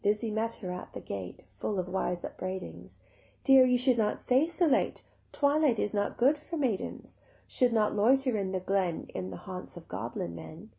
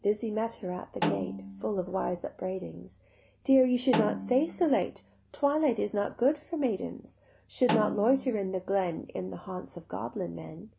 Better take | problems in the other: first | background sound (Snare drum); 7 dB below the speech

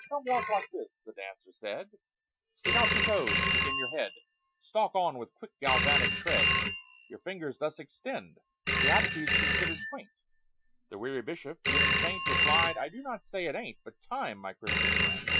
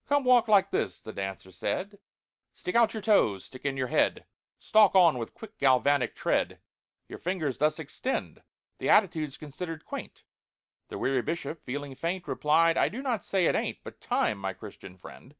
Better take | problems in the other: second | noise reduction (classical method Wiener filter)

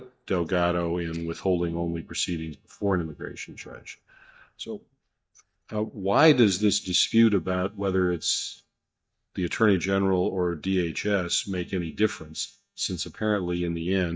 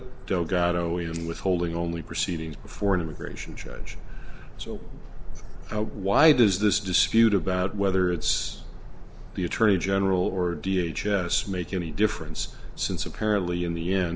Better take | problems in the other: second | noise reduction (neural mask model DeepFilterNet 3)

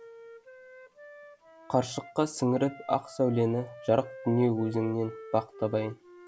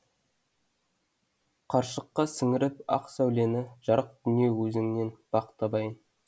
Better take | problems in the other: second | background sound (Wind instrument, woodwind instrument); 18 dB below the speech

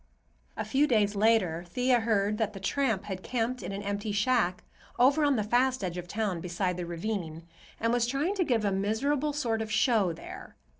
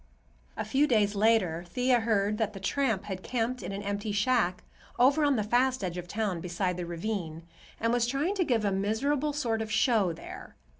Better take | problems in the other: second | noise reduction (neural separator model SepFormer DNS4)

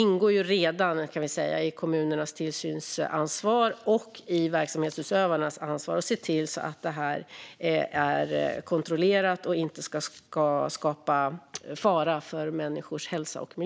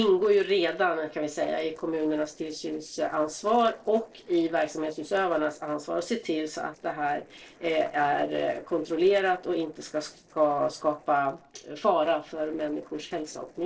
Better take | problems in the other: first | noise reduction (neural separator model SepFormer DNS4)

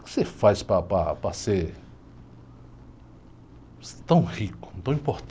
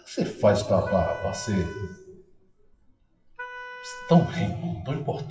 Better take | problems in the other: first | noise reduction (classical method WPE with log-MMSE)

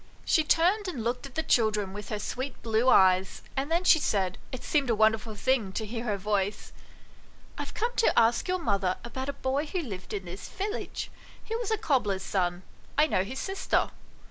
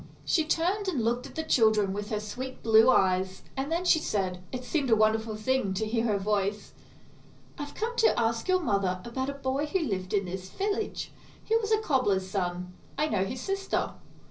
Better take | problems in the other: first | room echo; dies away in 0.5 s

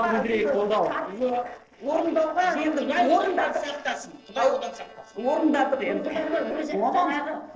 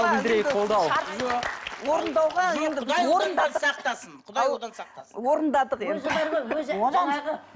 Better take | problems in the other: second | noise reduction (neural separator model SepFormer DNS4)

